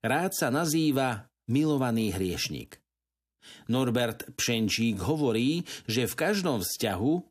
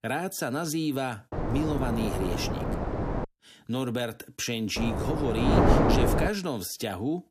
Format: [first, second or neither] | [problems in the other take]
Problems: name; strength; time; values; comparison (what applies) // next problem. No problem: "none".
first | wind noise on the microphone; heavy; from 1.5 to 3 s and from 5 to 6.5 s; 3 dB above the speech